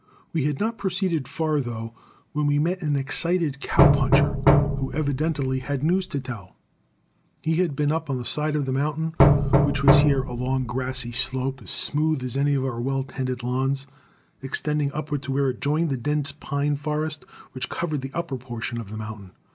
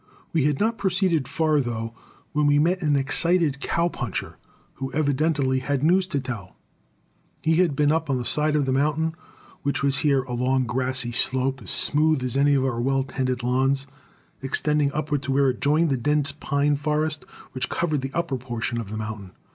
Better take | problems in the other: second | background sound (Knock); 4 dB above the speech

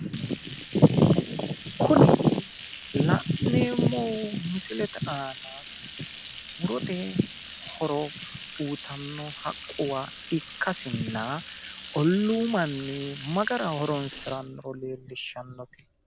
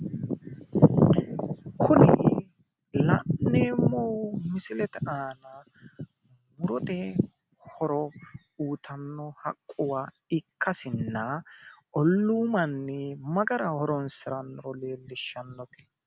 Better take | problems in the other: second | background sound (Bathtub (filling or washing)); 15 dB below the speech

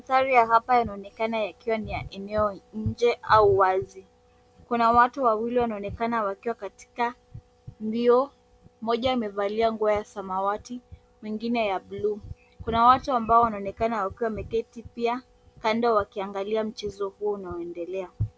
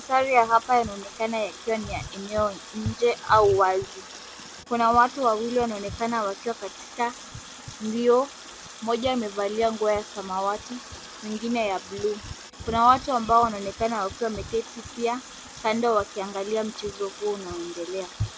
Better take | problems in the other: first | background sound (Water tap, faucet); 17 dB below the speech

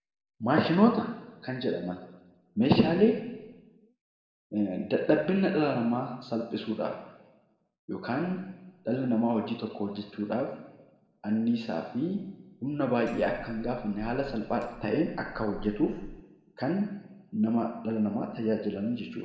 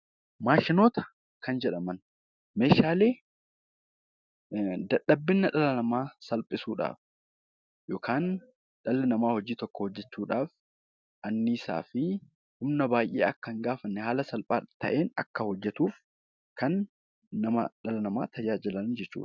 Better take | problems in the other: second | background sound (Hammer); 16 dB below the speech // room echo; dies away in 1.1 s

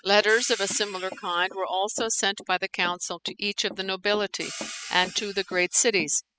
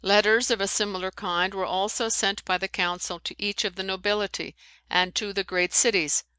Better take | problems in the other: second | noise reduction (classical method spectral subtraction)

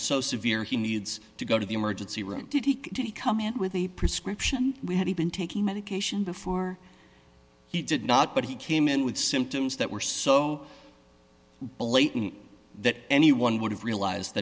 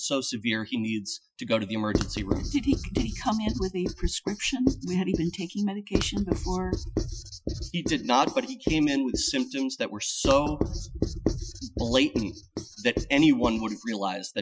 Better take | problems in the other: first | noise reduction (classical method Wiener filter)

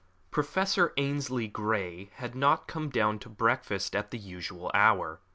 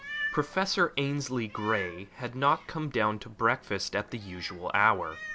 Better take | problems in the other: first | background sound (Meow); 13 dB below the speech

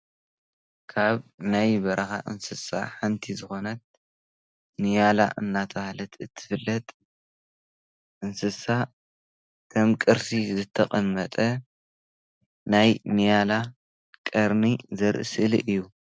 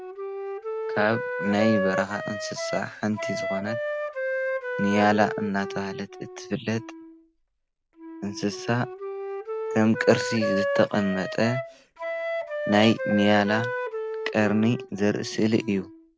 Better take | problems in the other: first | background sound (Wind instrument, woodwind instrument); 5 dB below the speech

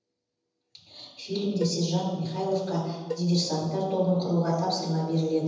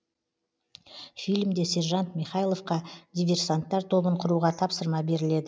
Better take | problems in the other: second | background sound (Cowbell); 14 dB below the speech // room echo; dies away in 1.1 s

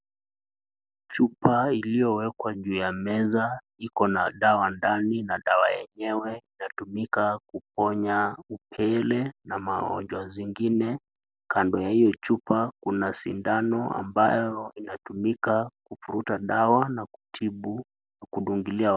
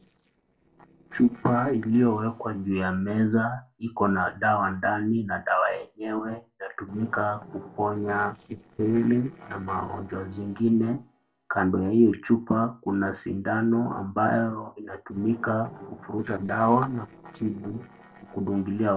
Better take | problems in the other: first | noise reduction (neural separator model SepFormer DNS4)

